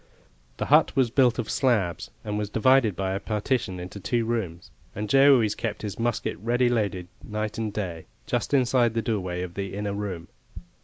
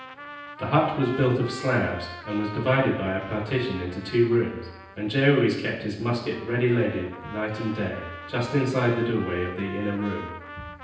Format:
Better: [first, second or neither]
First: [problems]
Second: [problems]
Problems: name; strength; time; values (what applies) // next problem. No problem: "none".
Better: first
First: none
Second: background sound (Trumpet); 15 dB below the speech // room echo; dies away in 0.9 s